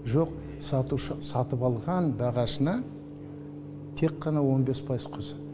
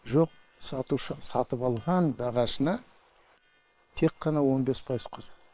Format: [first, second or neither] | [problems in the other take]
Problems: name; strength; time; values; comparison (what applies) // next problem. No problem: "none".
first | noise reduction (neural separator model SepFormer WHAM!)